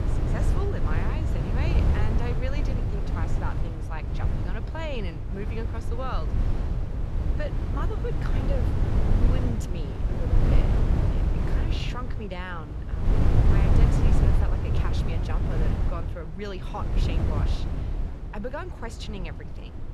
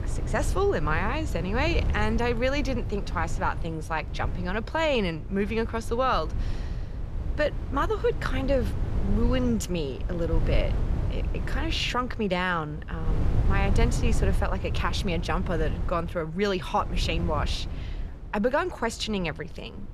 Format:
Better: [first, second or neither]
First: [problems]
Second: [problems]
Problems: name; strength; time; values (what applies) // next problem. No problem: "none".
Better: second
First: wind noise on the microphone; heavy; as loud as the speech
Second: wind noise on the microphone; occasional gusts; 15 dB below the speech